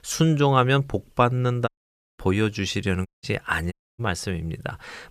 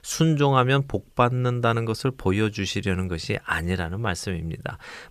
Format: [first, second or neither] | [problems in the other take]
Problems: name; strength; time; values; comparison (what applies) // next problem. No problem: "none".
second | audio cutting out; at 1.5 s for 0.5 s, at 3 s and at 3.5 s